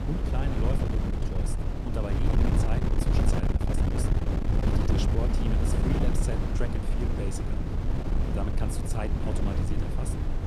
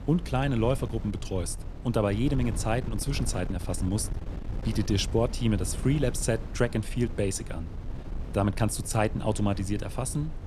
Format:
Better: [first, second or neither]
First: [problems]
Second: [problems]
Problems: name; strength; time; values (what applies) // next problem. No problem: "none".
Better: second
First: wind noise on the microphone; heavy; 3 dB above the speech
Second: wind noise on the microphone; occasional gusts; 15 dB below the speech